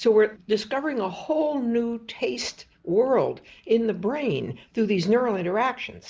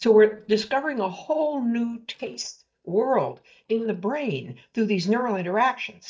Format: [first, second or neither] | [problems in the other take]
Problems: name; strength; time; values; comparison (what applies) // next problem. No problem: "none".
first | noise reduction (neural mask model DeepFilterNet 3)